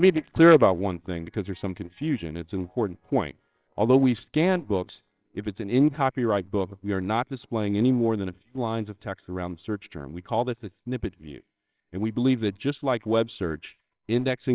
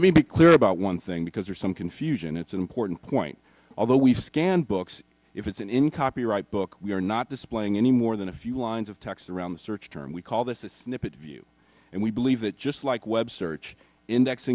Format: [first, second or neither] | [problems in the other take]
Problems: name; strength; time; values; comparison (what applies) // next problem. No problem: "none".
second | noise reduction (neural separator model SepFormer WHAMR!)